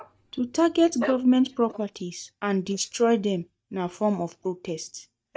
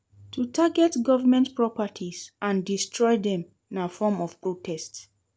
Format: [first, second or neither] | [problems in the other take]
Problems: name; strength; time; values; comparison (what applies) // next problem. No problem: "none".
second | noise reduction (neural mask model DeepFilterNet 3)